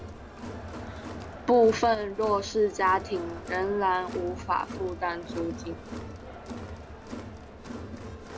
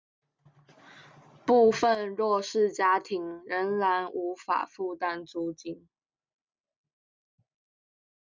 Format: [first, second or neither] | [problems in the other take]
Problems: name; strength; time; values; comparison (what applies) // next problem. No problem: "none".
second | background sound (Crowd); 10 dB below the speech